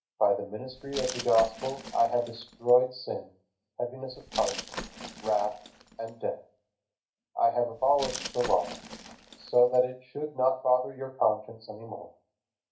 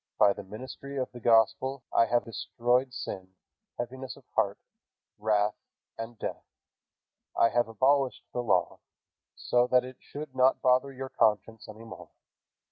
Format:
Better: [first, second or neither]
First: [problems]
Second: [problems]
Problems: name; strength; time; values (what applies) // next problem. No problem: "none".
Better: second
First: background sound (Glass); 13 dB below the speech // room echo; dies away in 0.3 s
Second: none